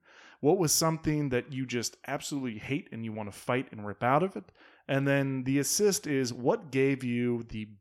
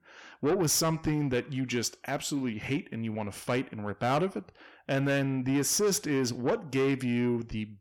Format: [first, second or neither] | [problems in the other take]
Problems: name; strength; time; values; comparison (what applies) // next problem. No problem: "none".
first | distortion; slight; 10 dB below the speech